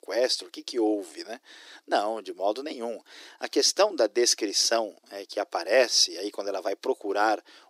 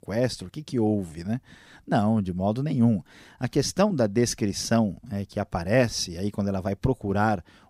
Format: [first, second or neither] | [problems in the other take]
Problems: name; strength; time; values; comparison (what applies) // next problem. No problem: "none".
second | thin; very; fading below 300 Hz